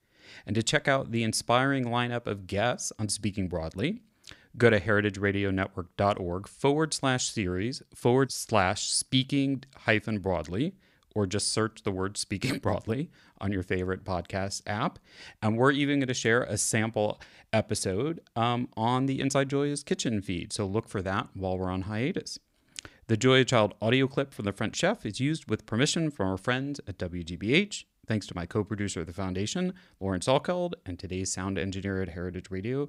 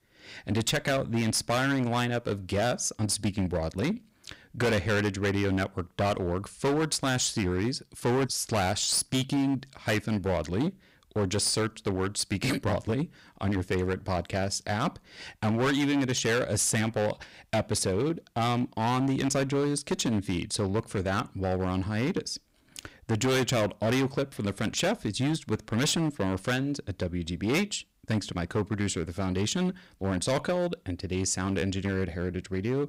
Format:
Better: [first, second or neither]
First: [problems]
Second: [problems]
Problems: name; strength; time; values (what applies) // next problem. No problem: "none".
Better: first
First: none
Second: distortion; heavy; 12% of the sound clipped